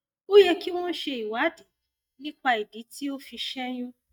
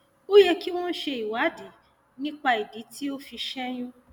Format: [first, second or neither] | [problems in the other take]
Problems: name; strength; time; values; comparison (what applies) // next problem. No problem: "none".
second | noise reduction (neural mask model DeepFilterNet 3)